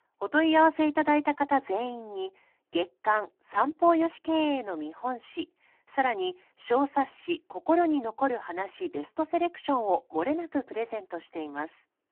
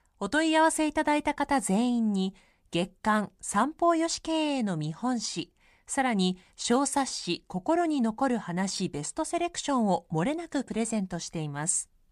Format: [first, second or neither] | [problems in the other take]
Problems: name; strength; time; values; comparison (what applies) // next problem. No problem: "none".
second | phone-call audio; poor line